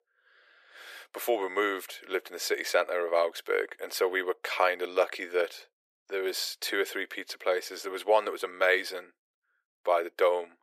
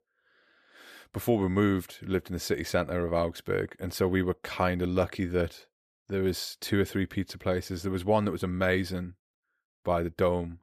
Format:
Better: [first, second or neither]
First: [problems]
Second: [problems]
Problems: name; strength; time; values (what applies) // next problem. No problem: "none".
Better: second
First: thin; very; fading below 400 Hz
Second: none